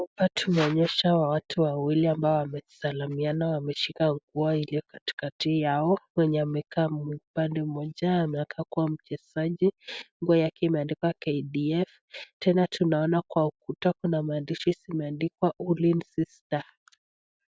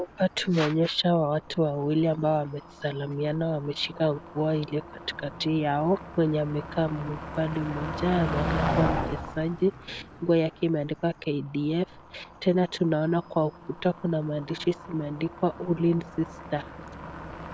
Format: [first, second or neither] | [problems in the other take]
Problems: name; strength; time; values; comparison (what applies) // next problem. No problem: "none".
first | background sound (Motor vehicle (road)); 10 dB below the speech